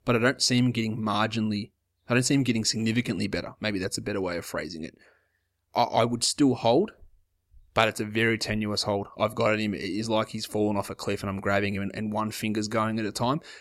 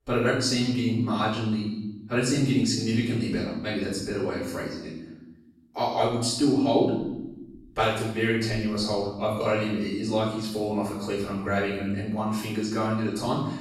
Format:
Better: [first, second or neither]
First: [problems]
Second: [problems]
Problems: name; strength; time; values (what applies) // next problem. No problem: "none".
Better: first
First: none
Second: off-mic speech; far // room echo; noticeable; dies away in 1 s